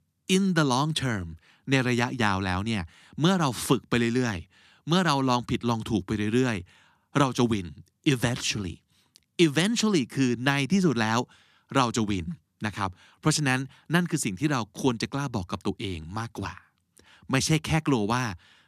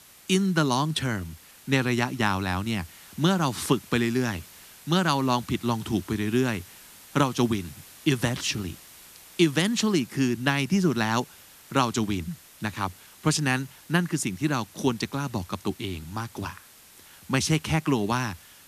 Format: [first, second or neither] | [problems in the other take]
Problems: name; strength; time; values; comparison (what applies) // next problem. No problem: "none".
first | hiss; faint; throughout; 20 dB below the speech